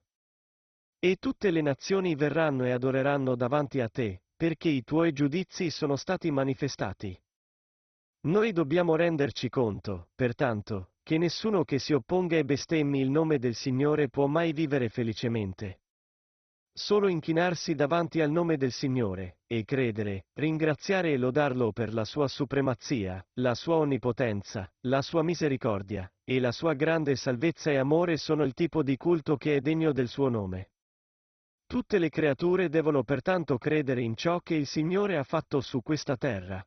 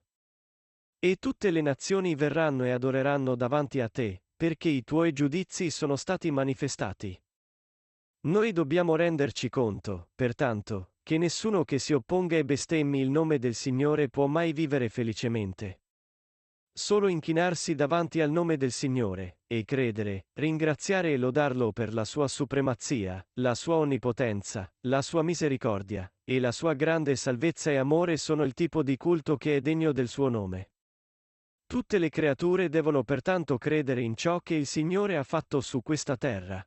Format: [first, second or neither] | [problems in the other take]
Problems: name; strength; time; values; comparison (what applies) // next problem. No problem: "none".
second | garbled, watery; badly; nothing above 6 kHz; slightly in the second